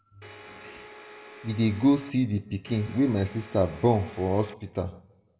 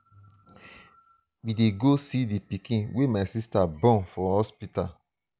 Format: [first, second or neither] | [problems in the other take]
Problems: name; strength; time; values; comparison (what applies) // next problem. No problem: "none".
second | background sound (Domestic sounds, home sounds); 19 dB below the speech // room echo; dies away in 0.6 s